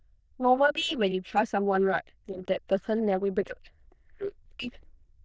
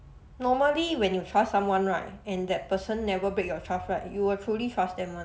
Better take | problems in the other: second | noise reduction (neural diffusion model UNIVERSE++)

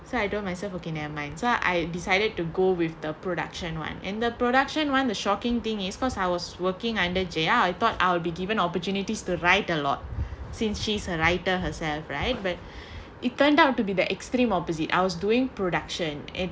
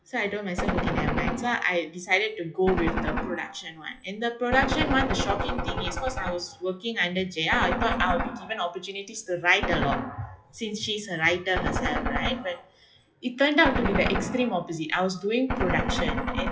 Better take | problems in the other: first | noise reduction (classical method WPE with log-MMSE)

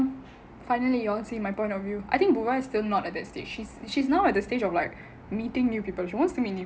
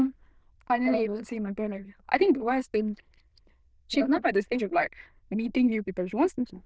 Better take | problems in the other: first | noise reduction (neural diffusion model UNIVERSE++)

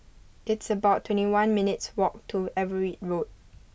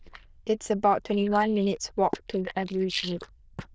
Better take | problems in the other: first | noise reduction (neural diffusion model UNIVERSE++)

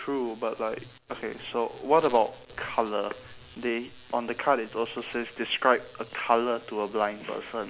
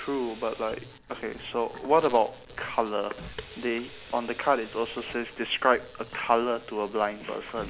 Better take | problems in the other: first | background sound (Sink (filling or washing) / Water tap, faucet); 19 dB below the speech

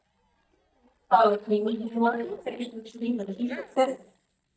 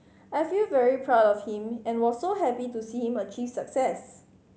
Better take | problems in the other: second | noise reduction (neural mask model DeepFilterNet 3)

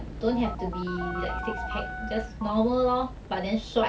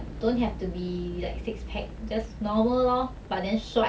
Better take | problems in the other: second | background sound (Wind instrument, woodwind instrument + Telephone); 8 dB below the speech

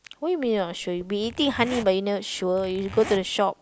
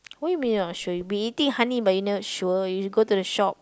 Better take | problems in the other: second | background sound (Zipper (clothing)); 14 dB below the speech

